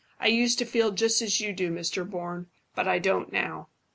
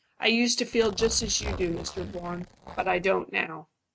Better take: first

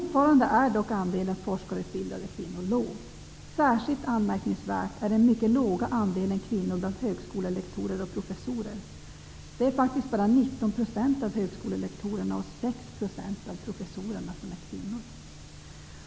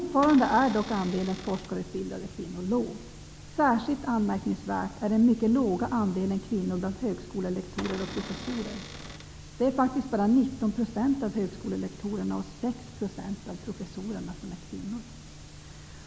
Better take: first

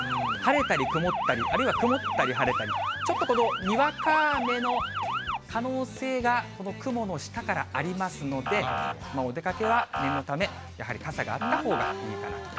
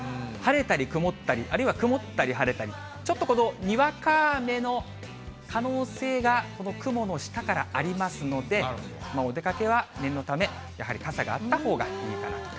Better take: second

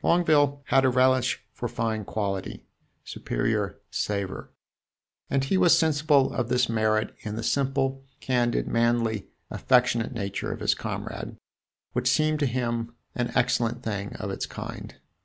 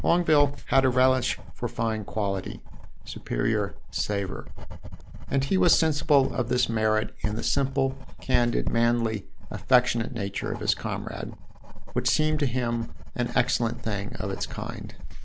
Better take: first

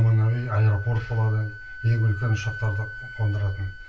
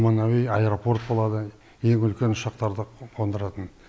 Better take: second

